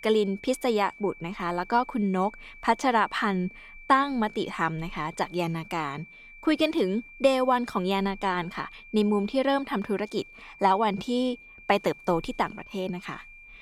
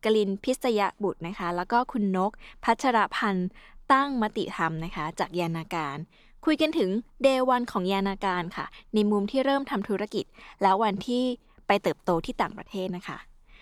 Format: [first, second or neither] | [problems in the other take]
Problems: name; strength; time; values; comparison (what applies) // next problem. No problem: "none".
second | high-pitched whine; noticeable; throughout; 2.5 kHz, 20 dB below the speech